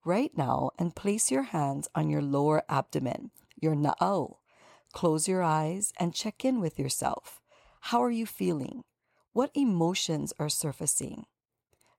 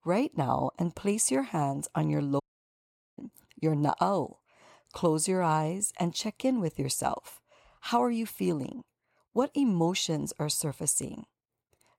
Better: first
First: none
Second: audio cutting out; at 2.5 s for 1 s

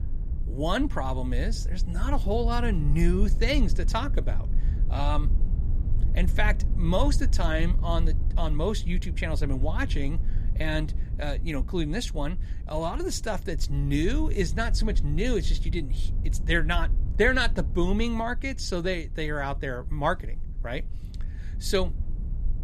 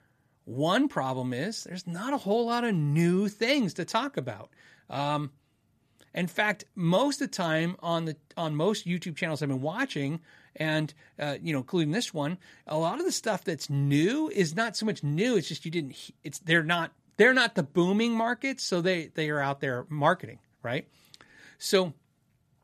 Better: second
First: low rumble; noticeable; throughout; 20 dB below the speech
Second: none

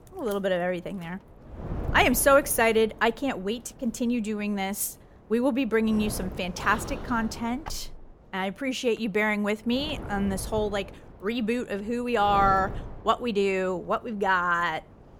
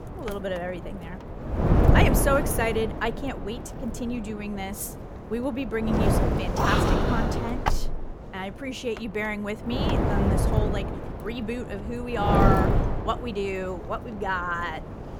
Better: first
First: wind noise on the microphone; occasional gusts; 15 dB below the speech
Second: wind noise on the microphone; heavy; as loud as the speech

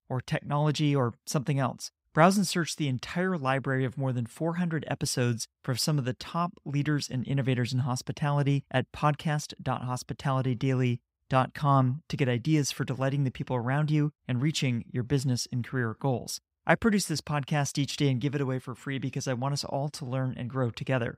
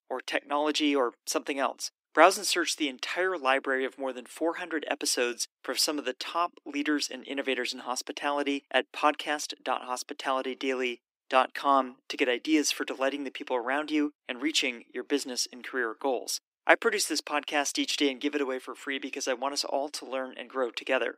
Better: first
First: none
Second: thin; somewhat; fading below 300 Hz

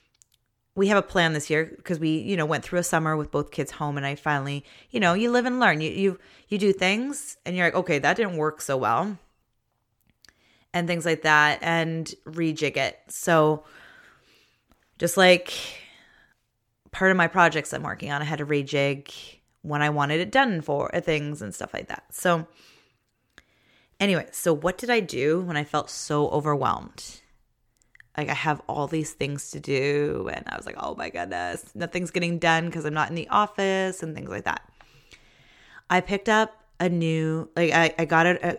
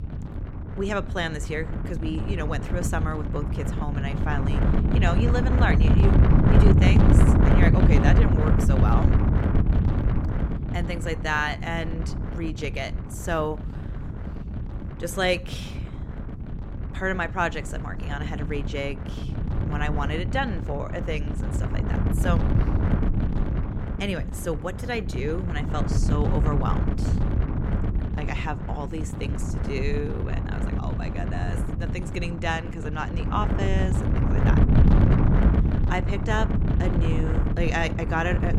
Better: first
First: none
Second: wind noise on the microphone; heavy; 4 dB below the speech

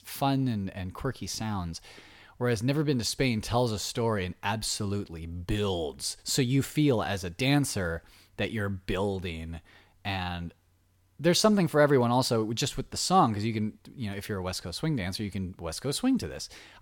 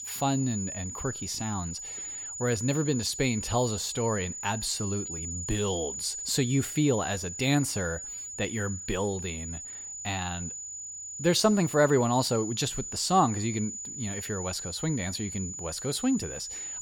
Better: first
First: none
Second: high-pitched whine; loud; throughout; 7 kHz, 6 dB below the speech

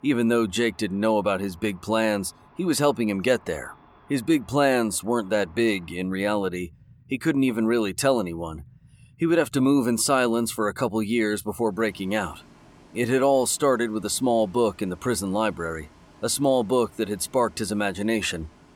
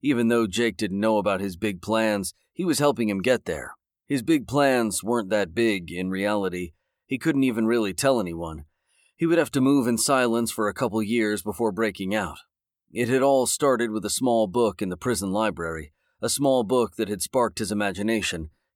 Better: second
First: traffic noise; faint; throughout; 30 dB below the speech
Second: none

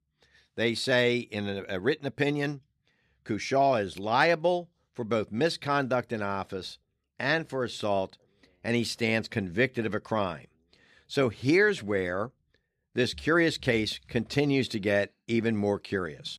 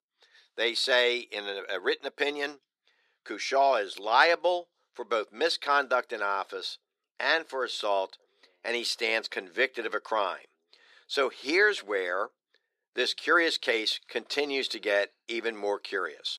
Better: first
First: none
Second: thin; very; fading below 400 Hz

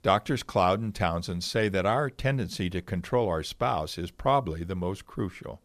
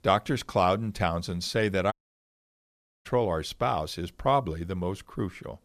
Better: first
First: none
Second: audio cutting out; at 2 s for 1 s

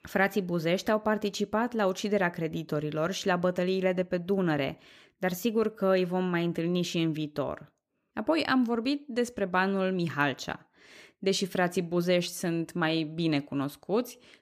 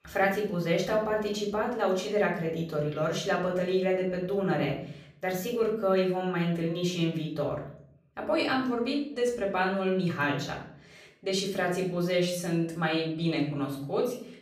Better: first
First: none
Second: room echo; slight; dies away in 0.5 s // off-mic speech; far

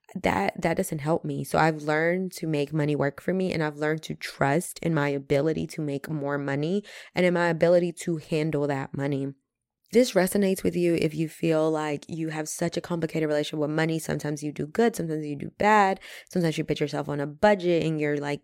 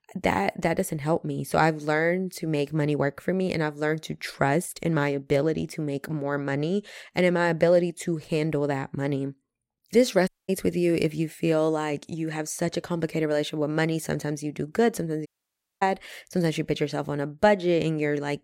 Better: first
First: none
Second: audio cutting out; at 10 s and at 15 s for 0.5 s

